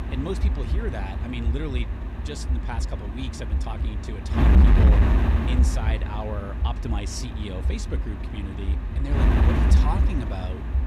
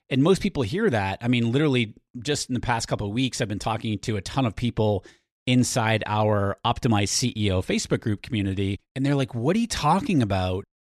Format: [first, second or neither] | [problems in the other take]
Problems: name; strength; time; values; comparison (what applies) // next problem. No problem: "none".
second | wind noise on the microphone; heavy; 1 dB above the speech